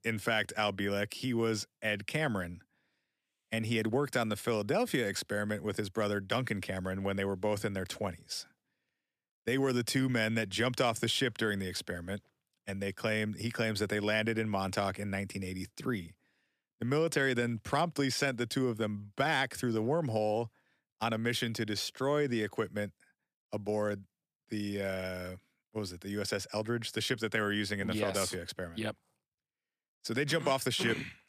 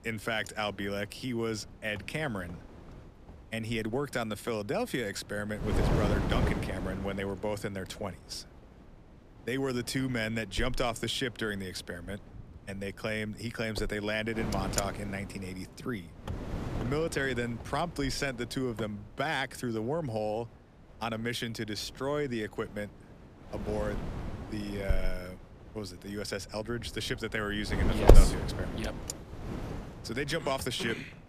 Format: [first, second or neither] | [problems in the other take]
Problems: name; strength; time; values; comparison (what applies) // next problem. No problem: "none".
first | wind noise on the microphone; heavy; 3 dB below the speech